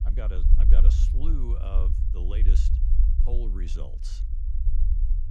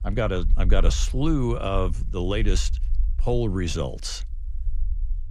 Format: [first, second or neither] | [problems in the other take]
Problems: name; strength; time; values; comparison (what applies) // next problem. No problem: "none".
second | low rumble; loud; throughout; 3 dB below the speech; faint in the second